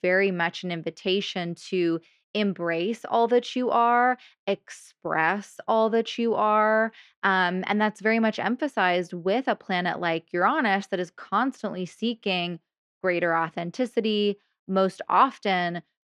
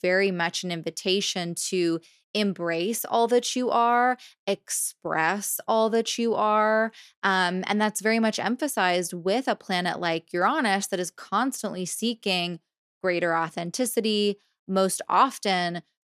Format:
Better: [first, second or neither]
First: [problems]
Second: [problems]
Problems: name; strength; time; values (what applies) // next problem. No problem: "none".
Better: second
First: muffled; slightly; fading above 2.5 kHz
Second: none